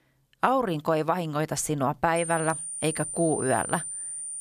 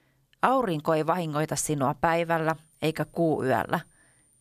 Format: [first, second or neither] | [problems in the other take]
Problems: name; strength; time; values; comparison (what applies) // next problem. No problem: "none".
second | high-pitched whine; loud; from 2 s on; 9 kHz, 5 dB below the speech; faint in the second